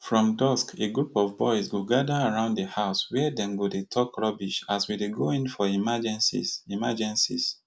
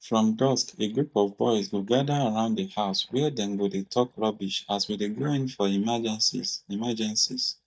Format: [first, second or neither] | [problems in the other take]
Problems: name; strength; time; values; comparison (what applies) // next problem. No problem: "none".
first | noise reduction (neural mask model DeepFilterNet 3)